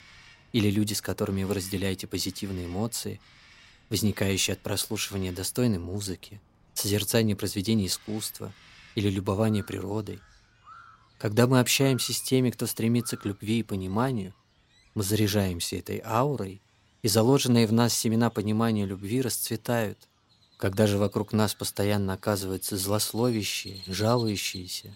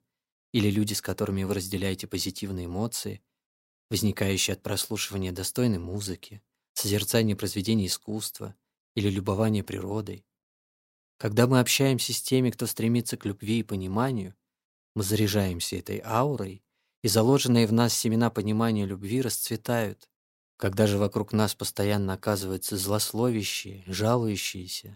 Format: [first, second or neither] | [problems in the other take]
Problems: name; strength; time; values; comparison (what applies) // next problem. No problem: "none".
second | animal sounds; faint; throughout; 20 dB below the speech